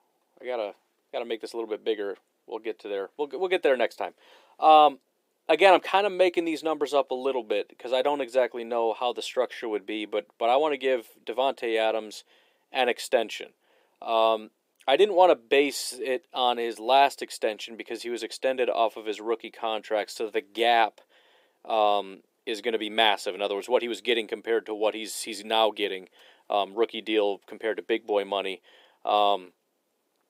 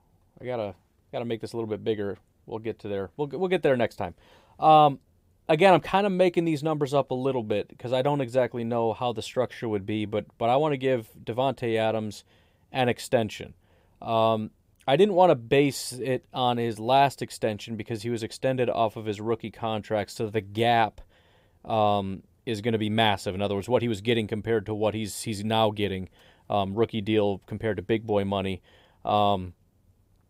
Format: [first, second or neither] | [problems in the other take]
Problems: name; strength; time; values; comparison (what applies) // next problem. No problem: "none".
second | thin; somewhat; fading below 300 Hz